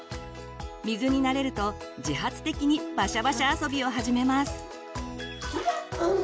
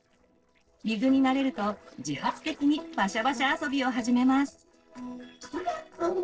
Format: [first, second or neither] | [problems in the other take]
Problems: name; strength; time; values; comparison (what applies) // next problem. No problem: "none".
first | noise reduction (neural separator model SepFormer DNS4)